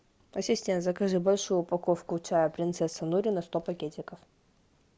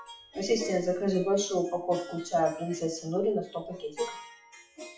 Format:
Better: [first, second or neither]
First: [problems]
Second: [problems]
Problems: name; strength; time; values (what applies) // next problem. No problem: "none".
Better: first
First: none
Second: noise reduction (classical method WPE with log-MMSE)